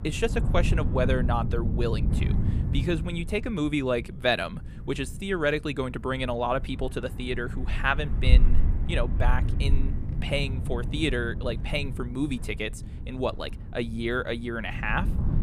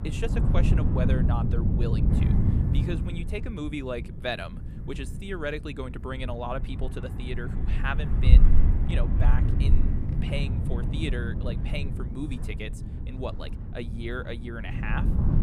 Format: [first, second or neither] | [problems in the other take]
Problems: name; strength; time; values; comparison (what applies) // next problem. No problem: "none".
first | wind noise on the microphone; heavy; 4 dB below the speech; occasional gusts in the first